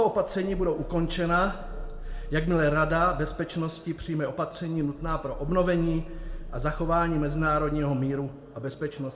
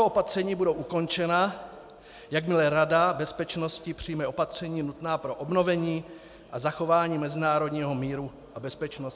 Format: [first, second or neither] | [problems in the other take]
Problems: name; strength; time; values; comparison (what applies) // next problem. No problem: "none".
second | background sound (Growling); 9 dB below the speech // room echo; dies away in 0.6 s